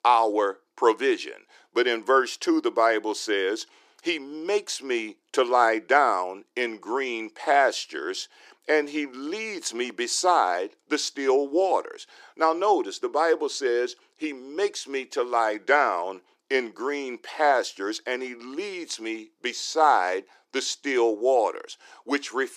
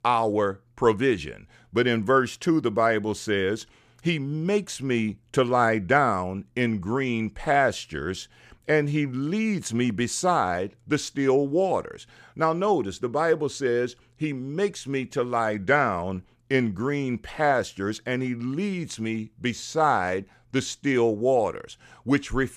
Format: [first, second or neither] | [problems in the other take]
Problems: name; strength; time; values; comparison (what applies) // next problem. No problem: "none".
second | thin; somewhat; fading below 300 Hz